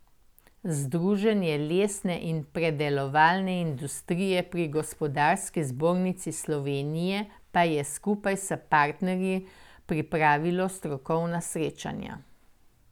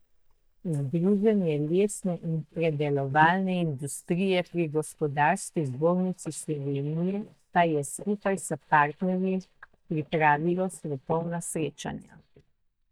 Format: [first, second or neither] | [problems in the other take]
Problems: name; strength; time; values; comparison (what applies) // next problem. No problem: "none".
first | noise reduction (neural mask model DeepFilterNet 3)